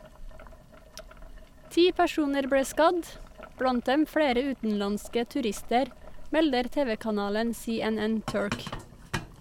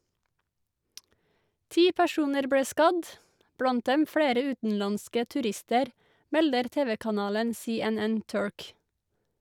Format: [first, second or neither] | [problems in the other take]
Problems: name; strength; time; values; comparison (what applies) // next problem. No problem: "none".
second | background sound (Boiling); 14 dB below the speech